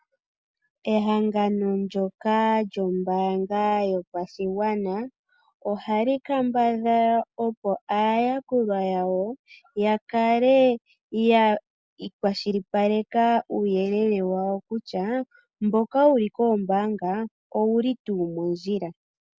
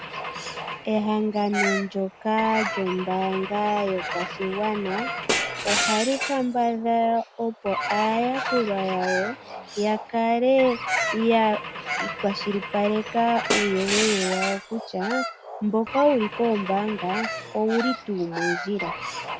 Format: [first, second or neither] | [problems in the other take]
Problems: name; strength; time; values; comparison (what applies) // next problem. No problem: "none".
first | background sound (Glass / Engine / Car + Bird vocalization, bird call, bird song); 5 dB below the speech